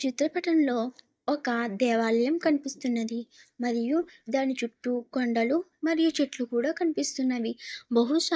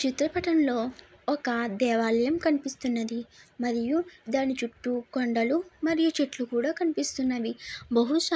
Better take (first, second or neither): second